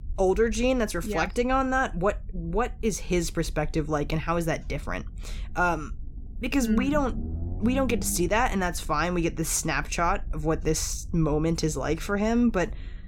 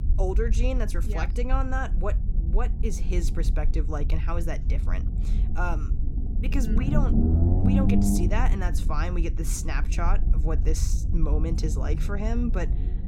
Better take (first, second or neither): first